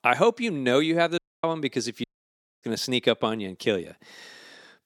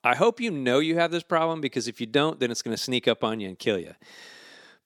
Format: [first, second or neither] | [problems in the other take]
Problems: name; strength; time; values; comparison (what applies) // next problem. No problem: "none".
second | audio cutting out; at 1 s and at 2 s for 0.5 s